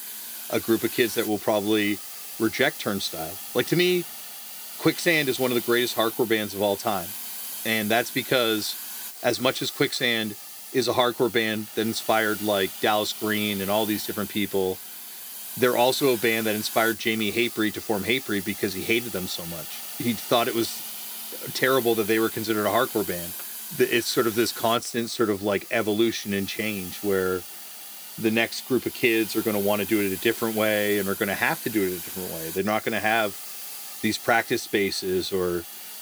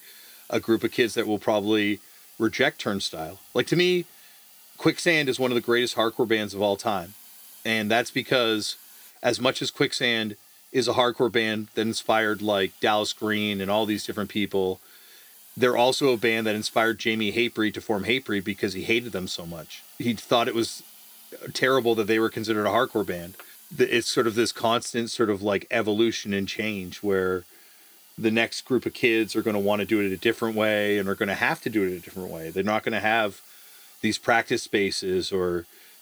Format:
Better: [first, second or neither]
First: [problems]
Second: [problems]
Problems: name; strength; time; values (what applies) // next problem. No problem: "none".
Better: second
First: hiss; loud; throughout; 9 dB below the speech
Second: hiss; faint; throughout; 20 dB below the speech